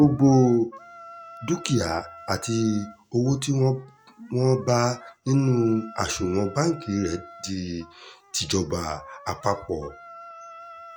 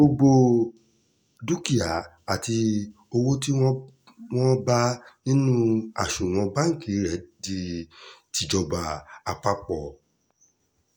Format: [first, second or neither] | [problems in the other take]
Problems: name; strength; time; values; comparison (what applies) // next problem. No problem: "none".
second | background sound (Wind instrument, woodwind instrument); 20 dB below the speech